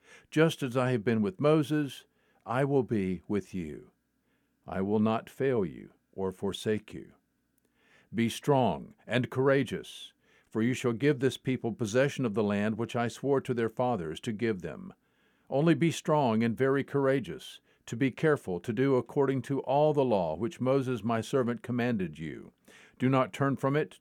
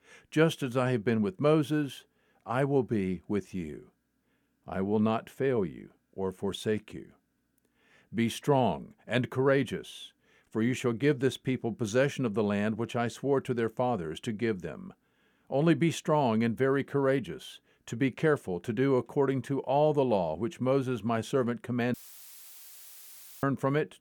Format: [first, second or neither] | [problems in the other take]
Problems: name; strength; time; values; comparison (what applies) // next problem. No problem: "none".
first | audio cutting out; filled with static; at 22 s for 1.5 s